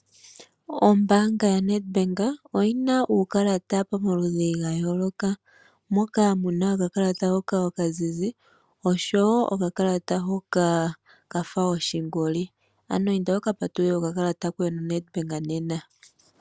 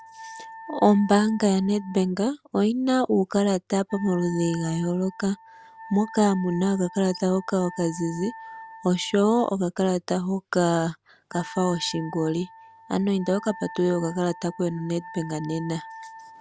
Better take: first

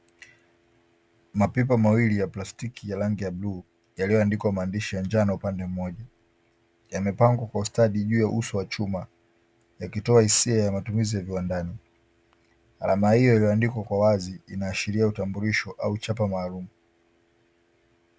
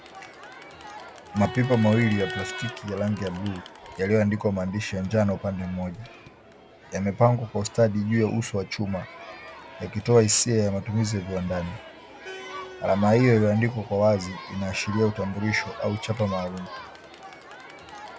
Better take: first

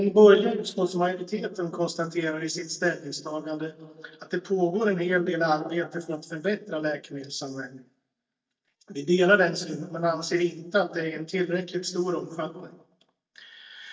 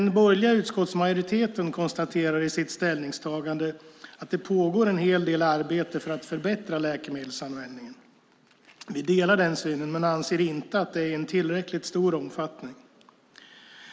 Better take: second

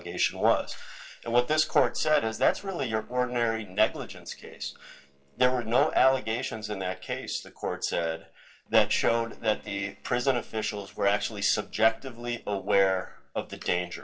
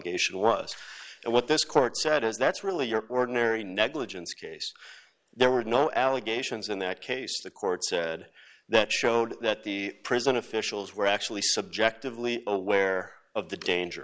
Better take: second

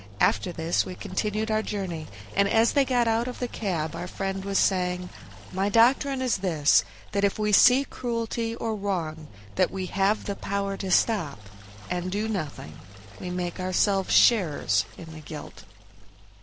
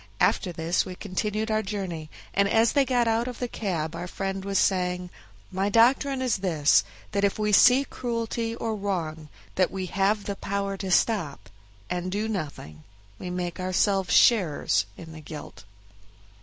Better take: second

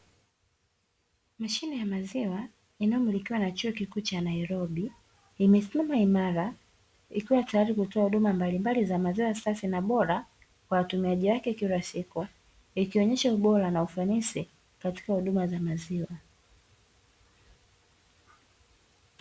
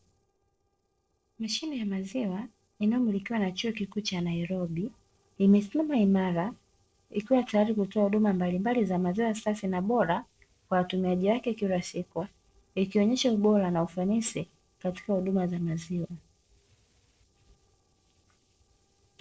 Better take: first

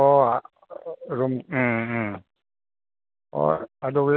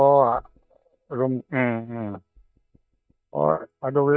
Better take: first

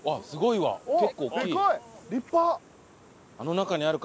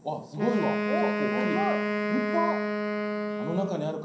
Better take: first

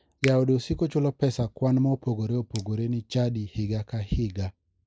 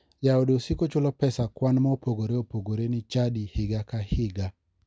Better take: second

